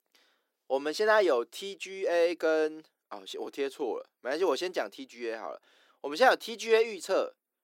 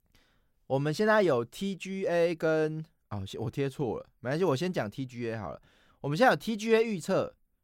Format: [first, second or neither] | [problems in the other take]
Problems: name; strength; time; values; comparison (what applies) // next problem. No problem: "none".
second | thin; somewhat; fading below 300 Hz